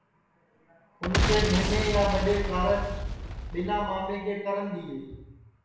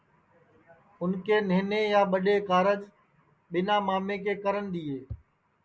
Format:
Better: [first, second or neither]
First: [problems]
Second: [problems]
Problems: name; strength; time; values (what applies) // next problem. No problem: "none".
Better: second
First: background sound (Boom); 1 dB above the speech // room echo; dies away in 0.9 s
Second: none